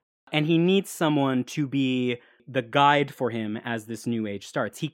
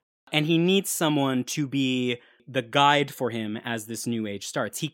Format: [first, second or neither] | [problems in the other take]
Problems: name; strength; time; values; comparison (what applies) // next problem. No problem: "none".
second | muffled; slightly; fading above 3.5 kHz